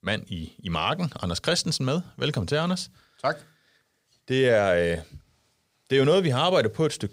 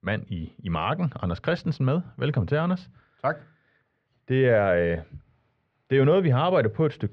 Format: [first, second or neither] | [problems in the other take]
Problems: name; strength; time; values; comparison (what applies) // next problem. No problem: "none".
first | muffled; very; fading above 2.5 kHz